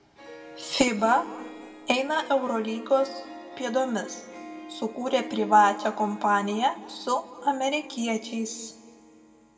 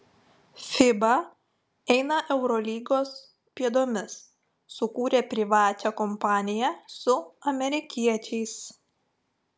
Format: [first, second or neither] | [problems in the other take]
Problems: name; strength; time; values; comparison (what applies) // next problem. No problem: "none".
second | background sound (Harp); 16 dB below the speech // room echo; dies away in 1.2 s